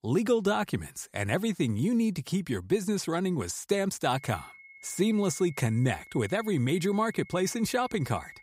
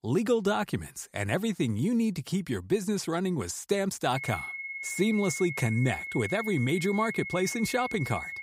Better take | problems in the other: first | high-pitched whine; loud; from 4 s on; 2 kHz, 7 dB below the speech; faint in the first

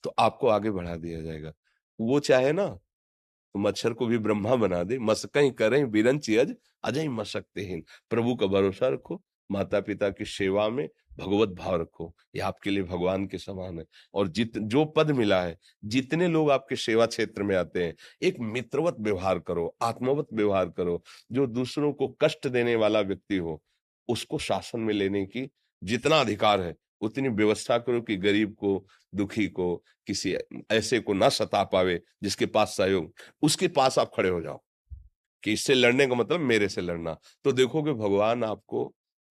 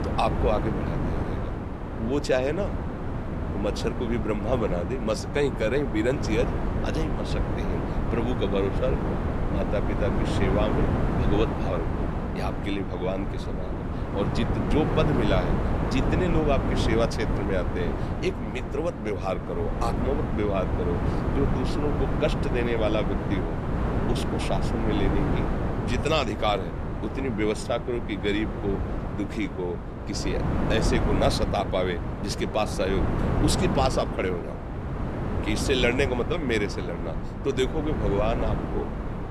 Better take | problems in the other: first | wind noise on the microphone; heavy; 4 dB below the speech

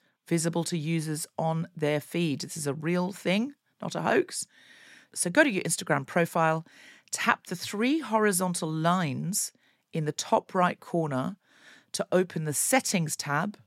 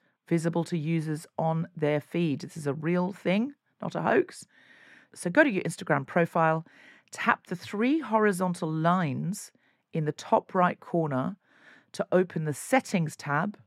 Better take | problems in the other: first | muffled; slightly; fading above 3.5 kHz

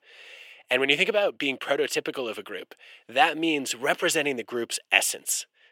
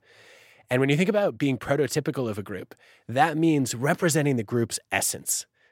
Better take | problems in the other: second | thin; somewhat; fading below 450 Hz

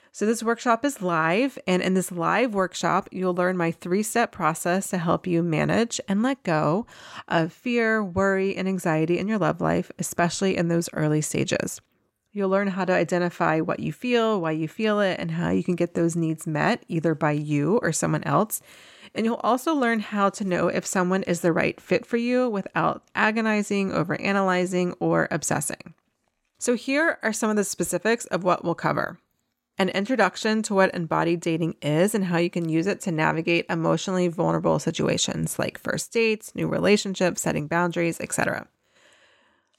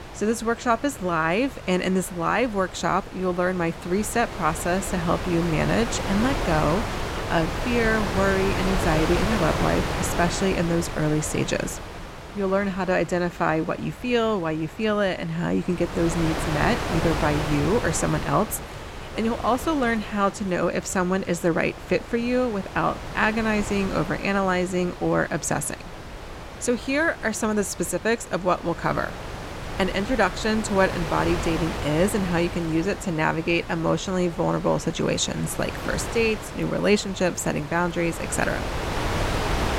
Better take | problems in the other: first | wind noise on the microphone; heavy; 7 dB below the speech

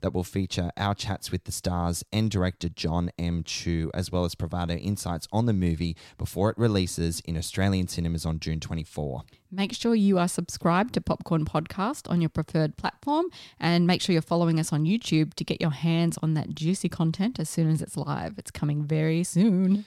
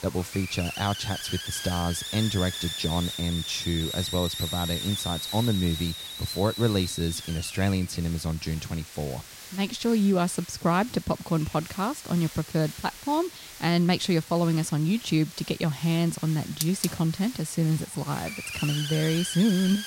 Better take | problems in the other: first | hiss; loud; throughout; 8 dB below the speech

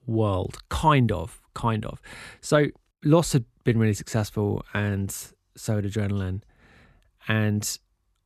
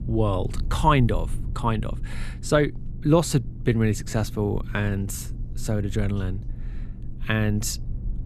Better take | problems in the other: first | low rumble; faint; throughout; 20 dB below the speech

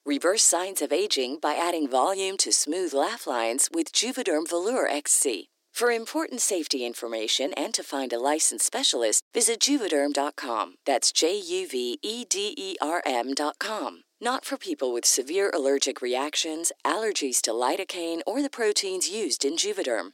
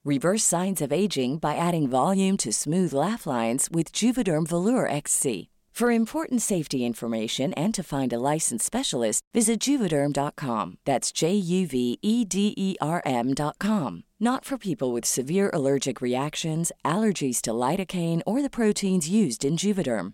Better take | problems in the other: second | thin; somewhat; fading below 300 Hz

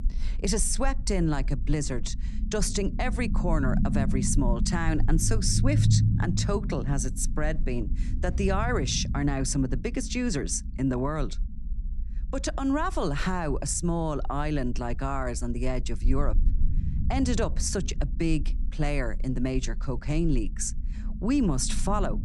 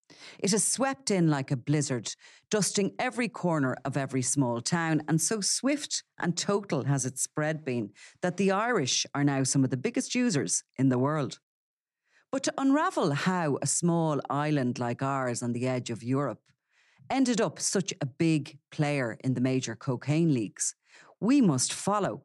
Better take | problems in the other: second | low rumble; noticeable; throughout; 10 dB below the speech

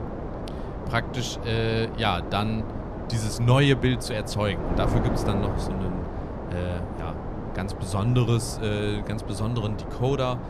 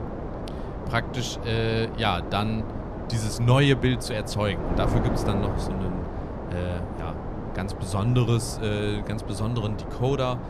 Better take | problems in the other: neither | wind noise on the microphone; heavy; 6 dB below the speech; the same in both

